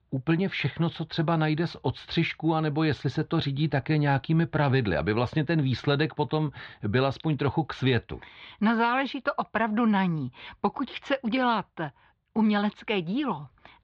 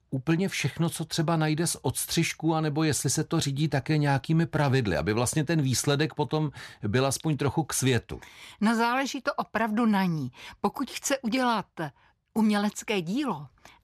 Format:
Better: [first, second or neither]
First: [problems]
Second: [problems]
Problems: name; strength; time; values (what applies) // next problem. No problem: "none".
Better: second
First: muffled; slightly; fading above 4 kHz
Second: none